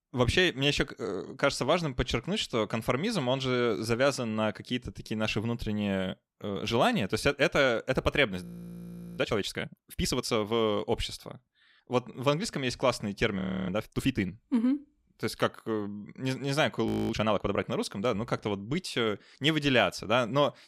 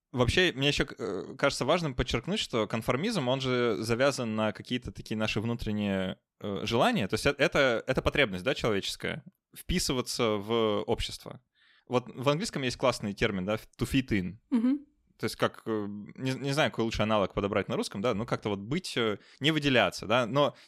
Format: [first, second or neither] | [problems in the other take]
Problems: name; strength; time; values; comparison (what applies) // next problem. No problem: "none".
second | audio freezing; at 8.5 s for 0.5 s, at 13 s and at 17 s